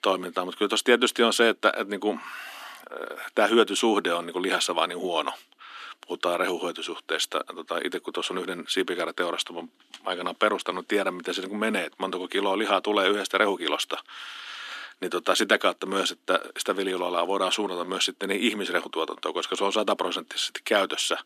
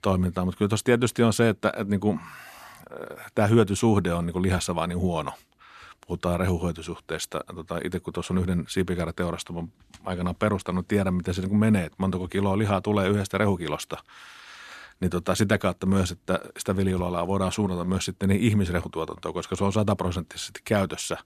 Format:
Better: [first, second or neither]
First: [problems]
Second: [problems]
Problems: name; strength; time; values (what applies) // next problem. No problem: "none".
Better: second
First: thin; somewhat; fading below 250 Hz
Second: none